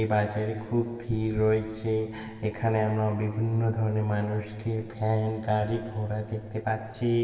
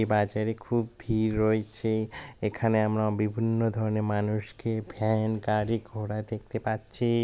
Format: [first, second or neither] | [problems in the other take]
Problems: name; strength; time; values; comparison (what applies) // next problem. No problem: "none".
second | room echo; dies away in 2.9 s